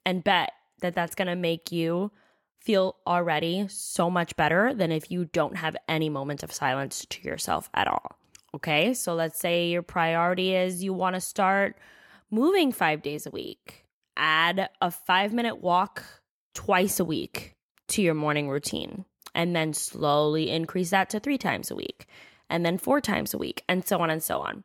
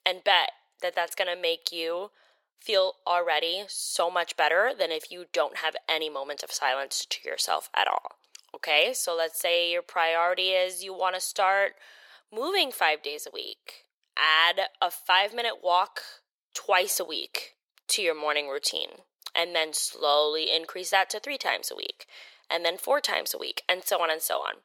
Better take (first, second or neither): first